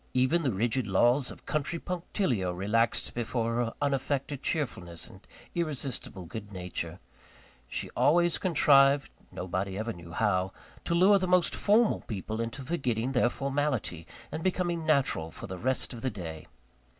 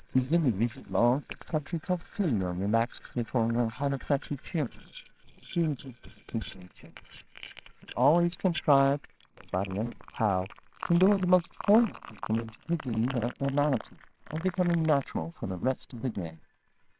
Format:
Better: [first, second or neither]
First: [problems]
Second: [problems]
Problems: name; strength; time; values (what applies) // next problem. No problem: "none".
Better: first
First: none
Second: noise reduction (neural separator model SepFormer WHAMR!)